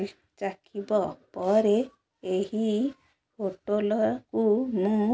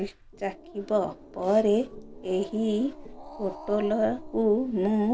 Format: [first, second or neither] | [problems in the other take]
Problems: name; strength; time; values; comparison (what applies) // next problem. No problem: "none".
first | background sound (Growling); 16 dB below the speech